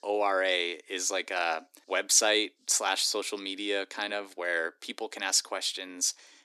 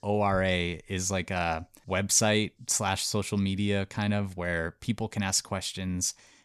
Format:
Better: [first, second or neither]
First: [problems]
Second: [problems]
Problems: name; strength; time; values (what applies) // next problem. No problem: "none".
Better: second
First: thin; very; fading below 300 Hz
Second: none